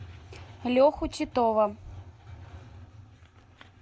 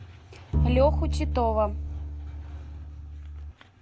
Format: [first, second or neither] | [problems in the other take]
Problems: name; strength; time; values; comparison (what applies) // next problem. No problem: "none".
first | background sound (Bowed string instrument); 2 dB above the speech